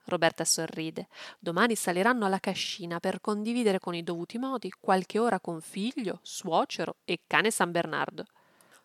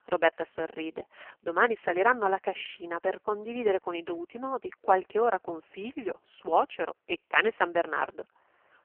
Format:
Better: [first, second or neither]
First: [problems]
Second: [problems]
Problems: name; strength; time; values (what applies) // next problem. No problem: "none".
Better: first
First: none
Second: phone-call audio; poor line; nothing above 3 kHz